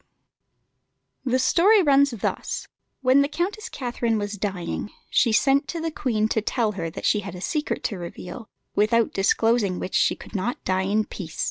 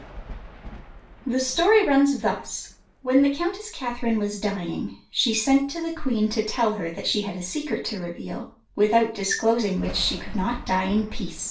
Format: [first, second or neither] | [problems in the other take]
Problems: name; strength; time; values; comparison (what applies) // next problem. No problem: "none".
first | background sound (Thunder); 18 dB below the speech // room echo; dies away in 0.3 s